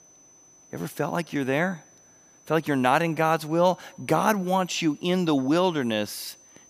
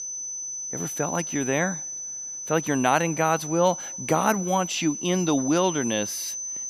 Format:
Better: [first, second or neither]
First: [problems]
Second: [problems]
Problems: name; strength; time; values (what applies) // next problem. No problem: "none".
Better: first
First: high-pitched whine; faint; throughout; 6 kHz, 30 dB below the speech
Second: high-pitched whine; loud; throughout; 6 kHz, 6 dB below the speech